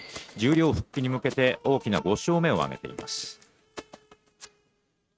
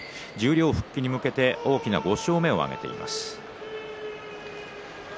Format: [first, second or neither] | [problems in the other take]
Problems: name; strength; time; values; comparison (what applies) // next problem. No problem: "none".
second | noise reduction (neural mask model RNNoise)